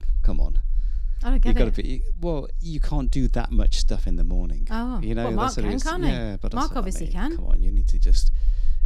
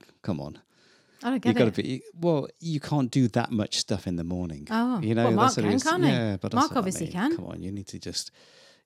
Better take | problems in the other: second | low rumble; faint; throughout; 25 dB below the speech

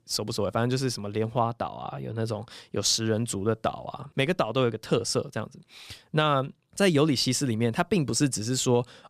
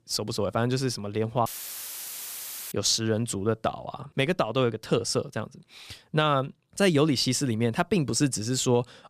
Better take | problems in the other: first | audio cutting out; filled with static; at 1.5 s for 1.5 s

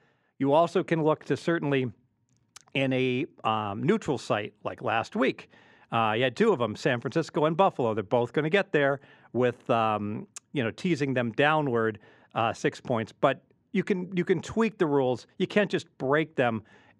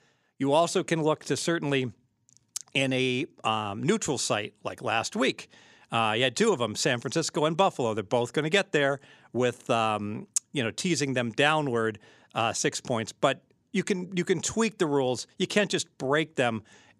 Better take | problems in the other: second | muffled; slightly; fading above 4 kHz

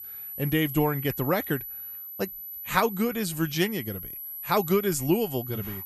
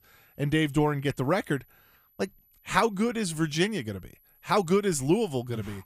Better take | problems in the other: second | high-pitched whine; loud; throughout; 12 kHz, 8 dB below the speech; faint in the second

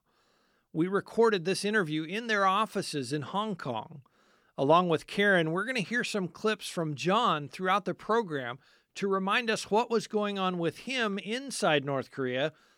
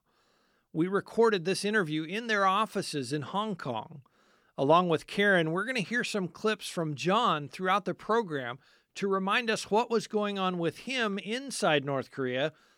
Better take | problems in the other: neither | none

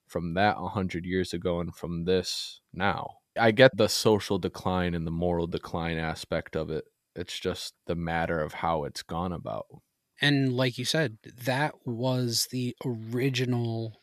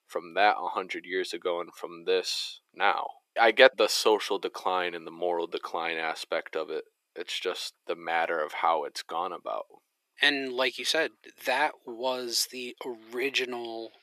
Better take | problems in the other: first | thin; very; fading below 350 Hz

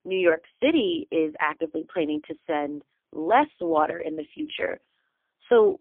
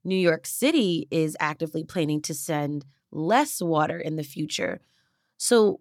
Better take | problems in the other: second | phone-call audio; poor line; nothing above 3.5 kHz

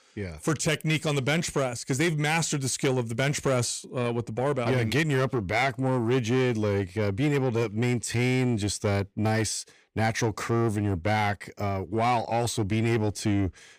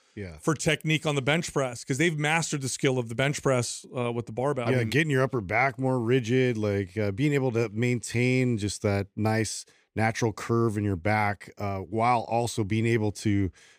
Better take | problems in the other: second | distortion; slight; 10 dB below the speech

